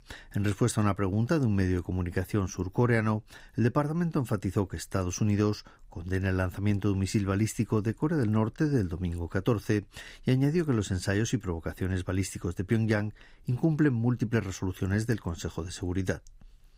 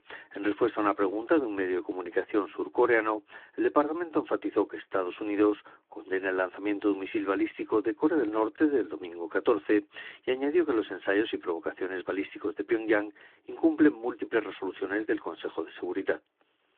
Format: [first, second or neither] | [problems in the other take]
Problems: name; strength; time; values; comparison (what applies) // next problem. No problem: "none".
first | phone-call audio